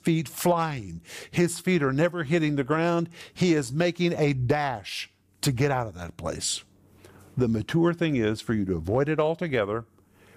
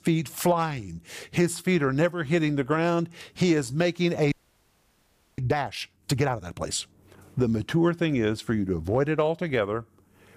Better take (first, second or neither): first